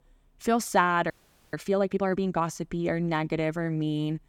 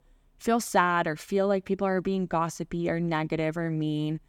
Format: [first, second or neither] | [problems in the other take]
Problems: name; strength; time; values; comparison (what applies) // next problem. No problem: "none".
second | audio freezing; at 1 s